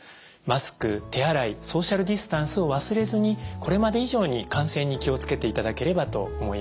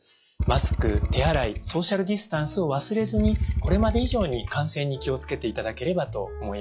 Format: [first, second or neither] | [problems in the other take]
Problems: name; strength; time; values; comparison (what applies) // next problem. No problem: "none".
first | noise reduction (classical method log-MMSE)